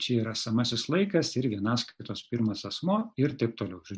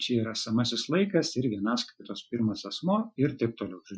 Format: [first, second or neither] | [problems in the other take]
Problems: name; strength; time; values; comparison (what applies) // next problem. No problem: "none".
first | noise reduction (classical method Wiener filter)